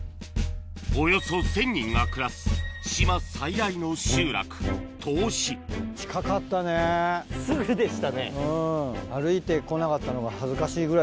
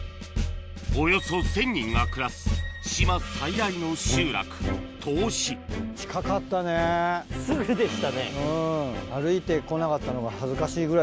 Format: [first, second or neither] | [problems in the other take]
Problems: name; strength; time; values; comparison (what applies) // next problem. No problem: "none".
first | background sound (Gong); 18 dB below the speech